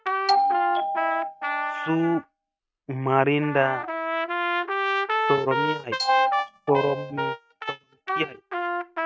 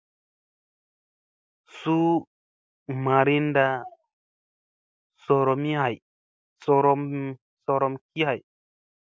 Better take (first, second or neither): second